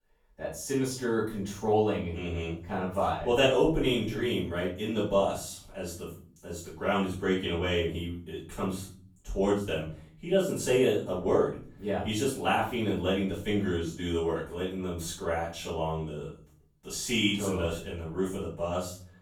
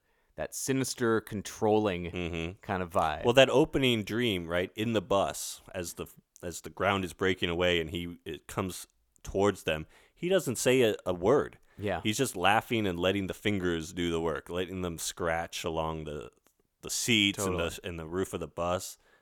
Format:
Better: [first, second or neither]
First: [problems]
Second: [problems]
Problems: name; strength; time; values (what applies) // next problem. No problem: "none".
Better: second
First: off-mic speech; far // room echo; noticeable; dies away in 0.5 s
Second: none